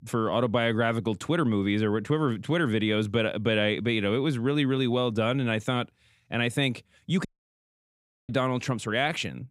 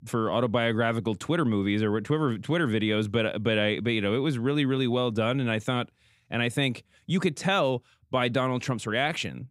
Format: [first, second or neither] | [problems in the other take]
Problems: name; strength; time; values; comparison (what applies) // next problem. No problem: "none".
second | audio cutting out; at 7.5 s for 1 s